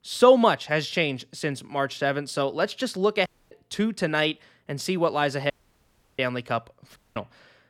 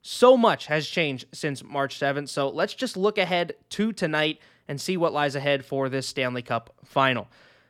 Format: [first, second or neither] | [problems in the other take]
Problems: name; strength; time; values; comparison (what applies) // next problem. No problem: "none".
second | audio cutting out; at 3.5 s, at 5.5 s for 0.5 s and at 7 s